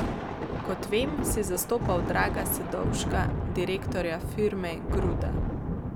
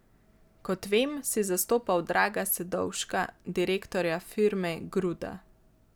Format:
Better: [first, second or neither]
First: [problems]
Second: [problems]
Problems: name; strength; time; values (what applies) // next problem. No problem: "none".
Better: second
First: background sound (Thunder); 1 dB above the speech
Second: none